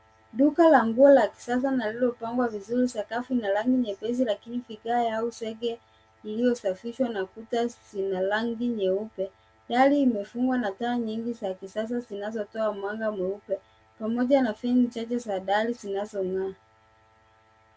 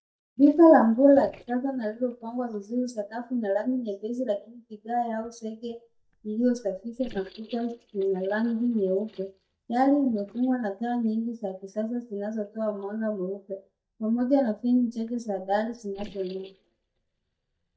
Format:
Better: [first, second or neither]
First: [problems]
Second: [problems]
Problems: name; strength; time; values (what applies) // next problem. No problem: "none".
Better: first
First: none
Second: noise reduction (neural mask model DeepFilterNet 3)